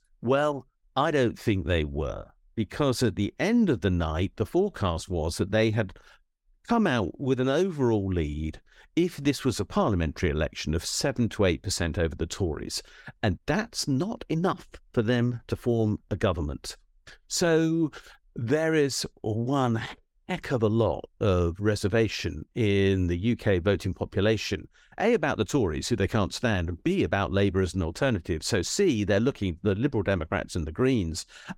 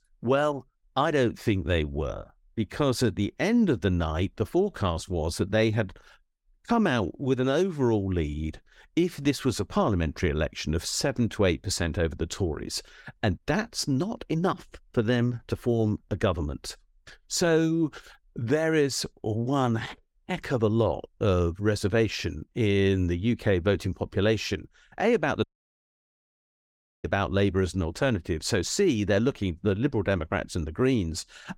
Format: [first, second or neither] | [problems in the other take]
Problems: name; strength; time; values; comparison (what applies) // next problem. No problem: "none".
first | audio cutting out; at 25 s for 1.5 s